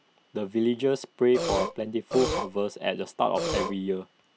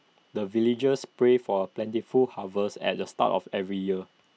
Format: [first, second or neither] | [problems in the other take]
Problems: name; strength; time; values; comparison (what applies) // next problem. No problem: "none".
second | background sound (Burping, eructation); 3 dB below the speech